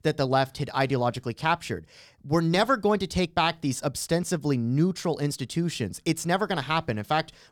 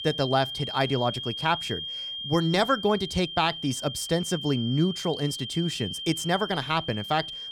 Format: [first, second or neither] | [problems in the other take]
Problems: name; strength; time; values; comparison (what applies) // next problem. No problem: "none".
first | high-pitched whine; loud; throughout; 3 kHz, 7 dB below the speech